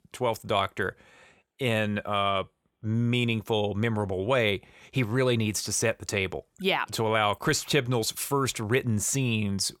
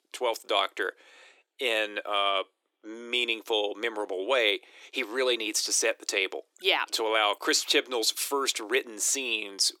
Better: first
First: none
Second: thin; very; fading below 300 Hz

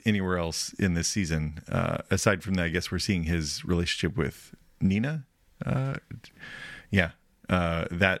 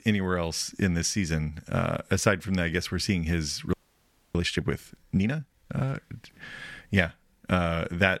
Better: first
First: none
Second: audio freezing; at 3.5 s for 0.5 s

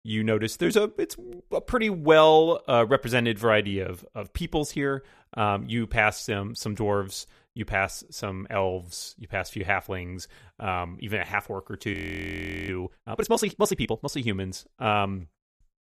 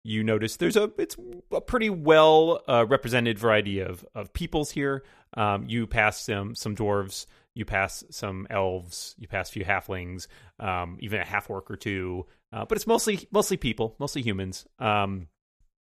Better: second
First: audio freezing; at 12 s for 0.5 s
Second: none

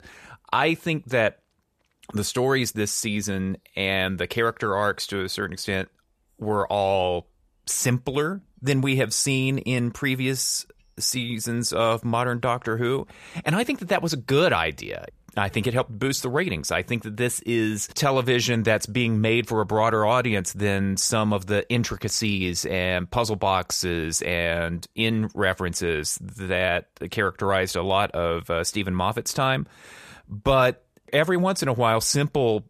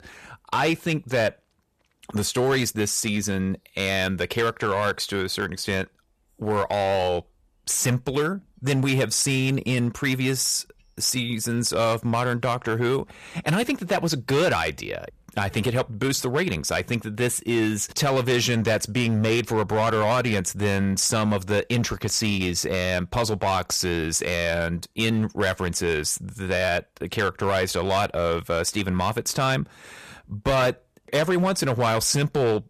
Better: first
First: none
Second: distortion; slight; 7% of the sound clipped

